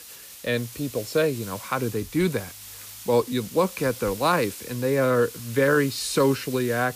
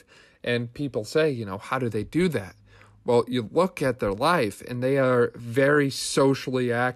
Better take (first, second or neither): second